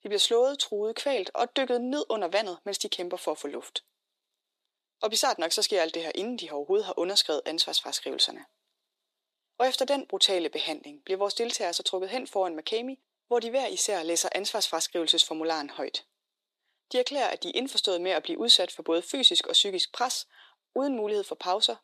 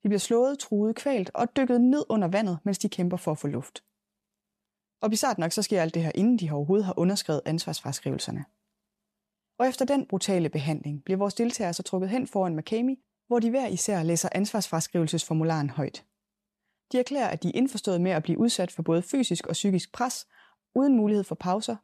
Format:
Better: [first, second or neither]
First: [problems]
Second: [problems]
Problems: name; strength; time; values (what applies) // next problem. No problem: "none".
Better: second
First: thin; somewhat; fading below 350 Hz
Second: none